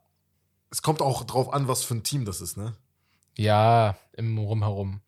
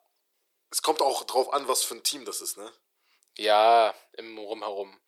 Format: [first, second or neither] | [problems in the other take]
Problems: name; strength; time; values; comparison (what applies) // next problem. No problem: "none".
first | thin; very; fading below 350 Hz